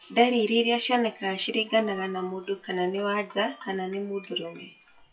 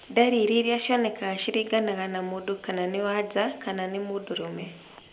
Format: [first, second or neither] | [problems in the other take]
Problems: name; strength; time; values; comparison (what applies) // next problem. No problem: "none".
second | noise reduction (classical method WPE with log-MMSE)